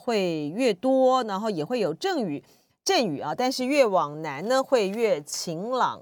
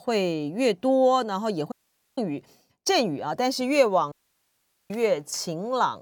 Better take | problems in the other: first | audio cutting out; at 1.5 s and at 4 s for 1 s

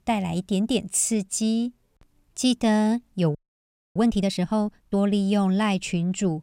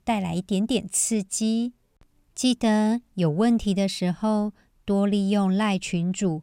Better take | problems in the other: second | audio freezing; at 3.5 s for 0.5 s

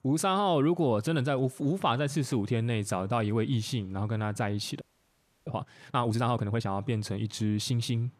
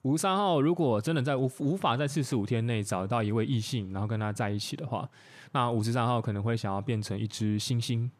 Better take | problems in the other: second | audio freezing; at 5 s for 0.5 s

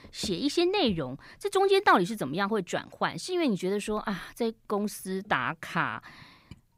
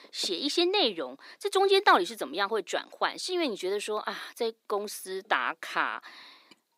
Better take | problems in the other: first | thin; somewhat; fading below 300 Hz

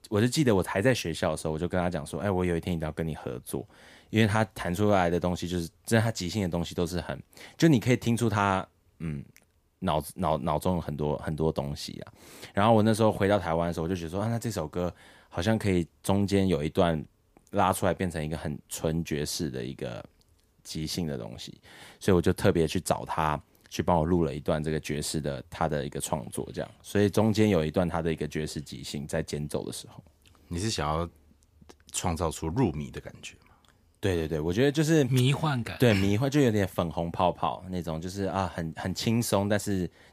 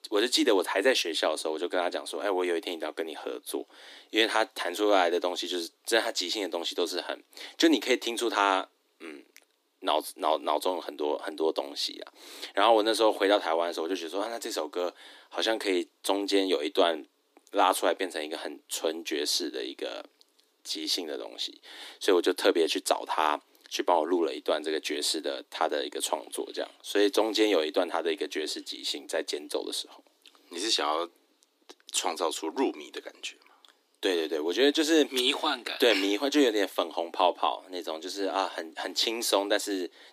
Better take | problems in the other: first | thin; somewhat; fading below 300 Hz

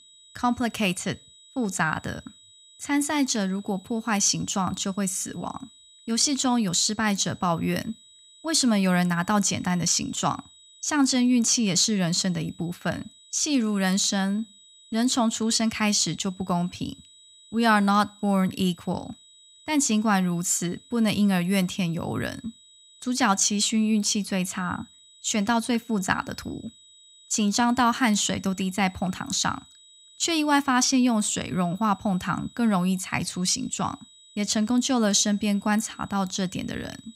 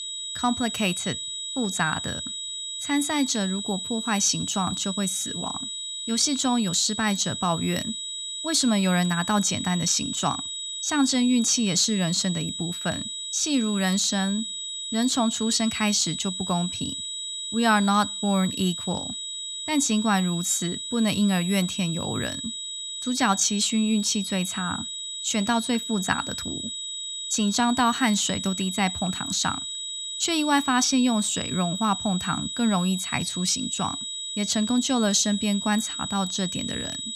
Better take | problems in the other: first | high-pitched whine; loud; throughout; 4 kHz, 6 dB below the speech; faint in the first

